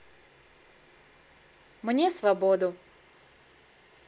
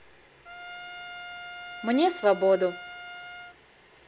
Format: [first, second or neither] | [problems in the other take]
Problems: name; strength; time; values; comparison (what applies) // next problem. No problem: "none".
first | background sound (Trumpet); 13 dB below the speech